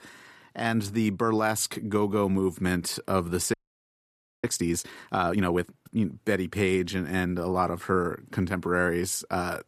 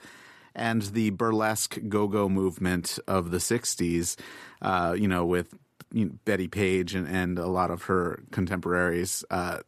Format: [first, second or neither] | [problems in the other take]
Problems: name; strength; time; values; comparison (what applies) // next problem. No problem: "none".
second | audio freezing; at 3.5 s for 1 s